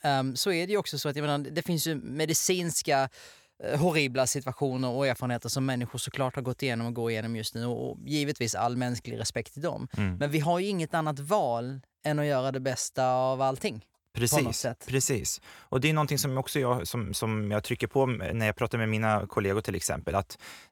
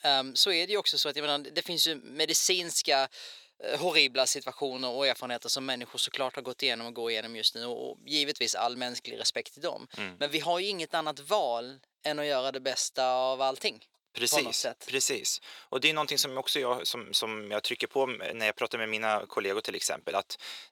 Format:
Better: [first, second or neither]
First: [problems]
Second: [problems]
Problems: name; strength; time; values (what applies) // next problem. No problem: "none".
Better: first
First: none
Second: thin; somewhat; fading below 400 Hz